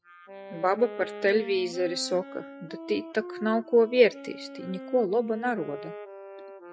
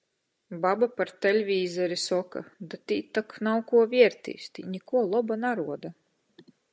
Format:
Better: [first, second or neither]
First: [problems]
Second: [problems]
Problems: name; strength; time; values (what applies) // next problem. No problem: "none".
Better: second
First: noise reduction (classical method Wiener filter)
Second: none